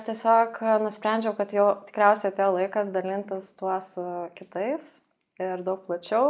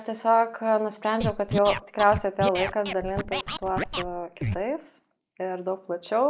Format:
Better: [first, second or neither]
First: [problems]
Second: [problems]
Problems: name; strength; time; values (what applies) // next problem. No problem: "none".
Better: first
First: none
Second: noise reduction (neural mask model Resemble Enhance denoiser)